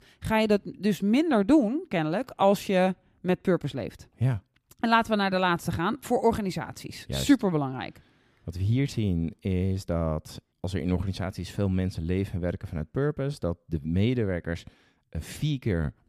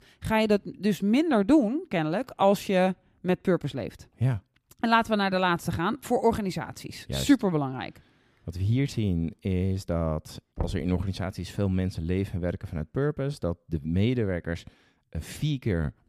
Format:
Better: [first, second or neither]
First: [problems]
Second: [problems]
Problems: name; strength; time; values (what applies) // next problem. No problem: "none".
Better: first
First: none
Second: door banging; noticeable; at 11 s; peak 9 dB below the speech